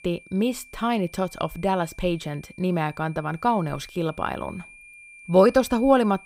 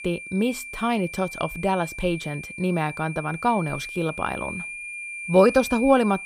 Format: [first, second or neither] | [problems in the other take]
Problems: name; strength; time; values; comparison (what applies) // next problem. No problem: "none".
first | high-pitched whine; loud; throughout; 2.5 kHz, 10 dB below the speech; faint in the first